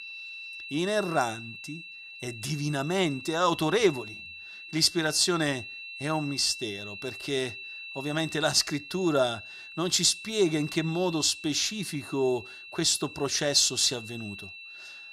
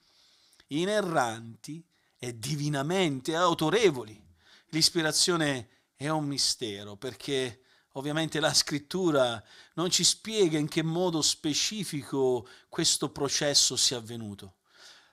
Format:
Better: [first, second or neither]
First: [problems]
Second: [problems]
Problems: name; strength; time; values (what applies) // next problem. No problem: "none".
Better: second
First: high-pitched whine; noticeable; throughout; 2.5 kHz, 15 dB below the speech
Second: none